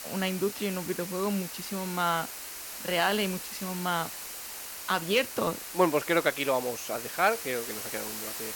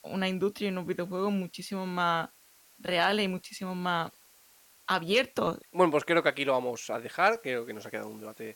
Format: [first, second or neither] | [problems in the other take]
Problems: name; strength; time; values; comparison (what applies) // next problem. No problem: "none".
second | hiss; loud; throughout; 7 dB below the speech; faint in the second